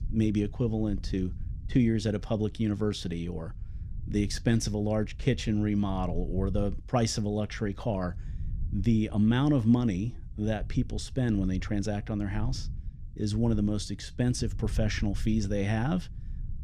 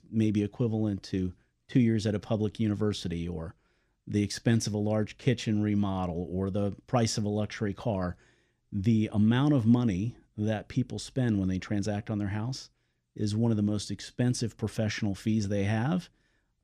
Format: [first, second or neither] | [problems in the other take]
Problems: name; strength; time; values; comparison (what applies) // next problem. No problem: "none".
second | low rumble; faint; throughout; 25 dB below the speech